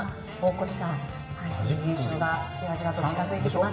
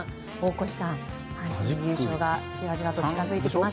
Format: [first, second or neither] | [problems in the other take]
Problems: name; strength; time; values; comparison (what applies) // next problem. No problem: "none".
second | room echo; dies away in 2.5 s